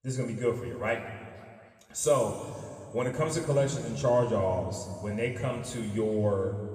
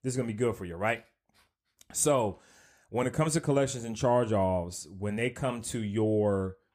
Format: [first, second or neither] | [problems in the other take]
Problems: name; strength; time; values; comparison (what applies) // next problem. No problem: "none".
second | room echo; noticeable; dies away in 2 s // off-mic speech; somewhat distant